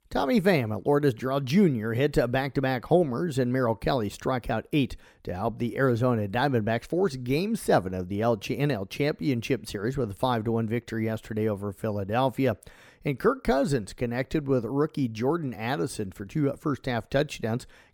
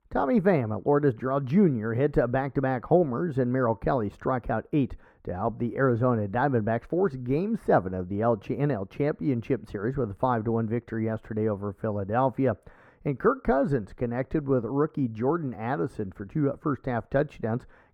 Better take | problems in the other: first | muffled; very; fading above 2 kHz

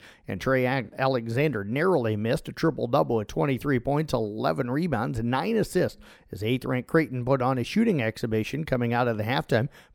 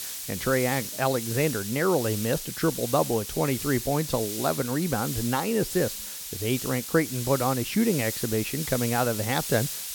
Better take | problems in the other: first | hiss; loud; throughout; 6 dB below the speech

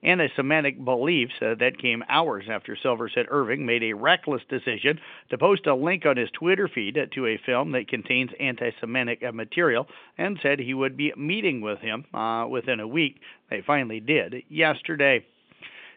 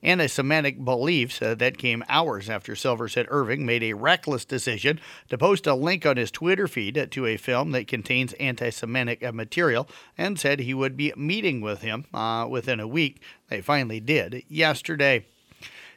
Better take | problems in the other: second | phone-call audio; nothing above 3 kHz

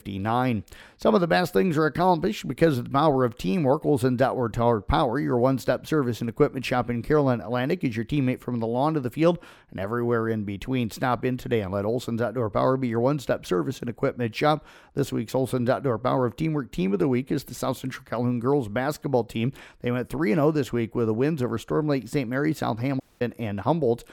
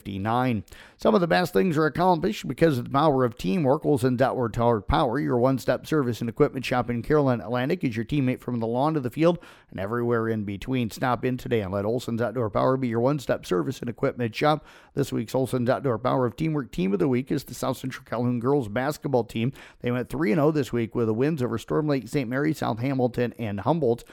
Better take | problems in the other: second | audio cutting out; at 23 s

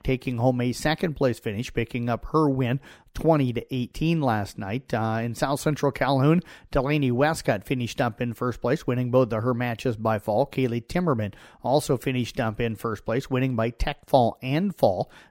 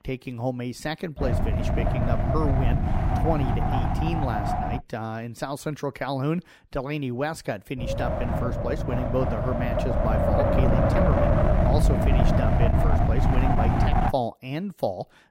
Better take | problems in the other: first | wind noise on the microphone; heavy; from 1 to 5 s and from 8 to 14 s; 4 dB above the speech

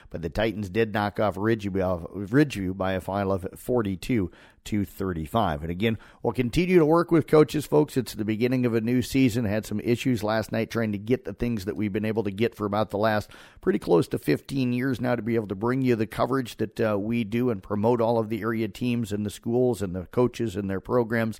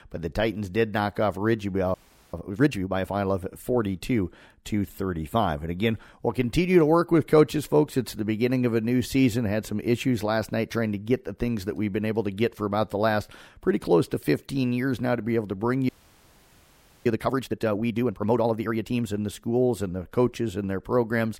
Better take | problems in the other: first | audio freezing; at 2 s and at 16 s for 1 s

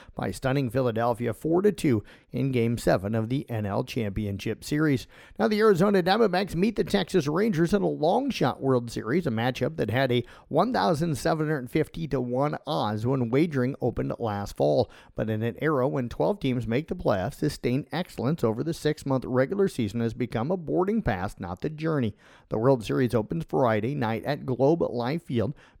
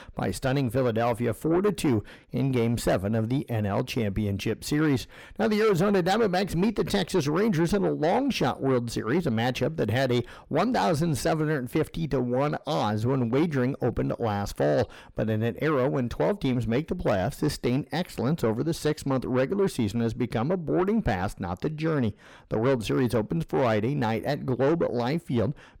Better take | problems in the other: first | distortion; slight; 10 dB below the speech

